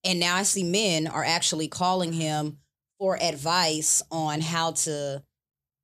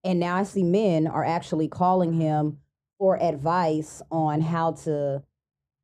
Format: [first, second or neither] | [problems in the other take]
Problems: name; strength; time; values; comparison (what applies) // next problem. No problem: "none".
first | muffled; very; fading above 2 kHz